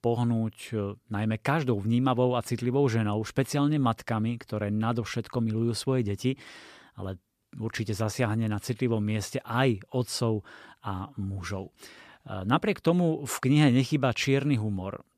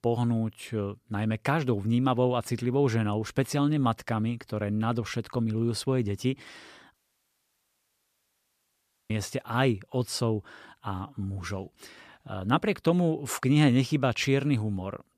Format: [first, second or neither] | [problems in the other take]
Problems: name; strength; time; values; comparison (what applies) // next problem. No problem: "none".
first | audio cutting out; at 7 s for 2 s